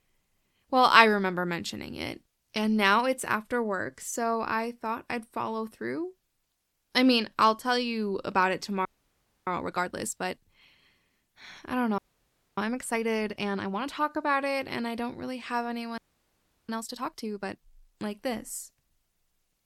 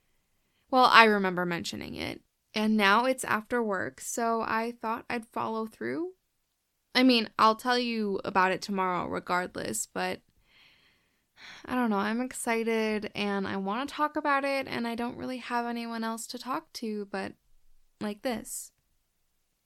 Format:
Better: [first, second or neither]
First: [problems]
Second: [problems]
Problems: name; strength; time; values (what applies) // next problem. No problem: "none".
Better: second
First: audio freezing; at 9 s for 0.5 s, at 12 s for 0.5 s and at 16 s for 0.5 s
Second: none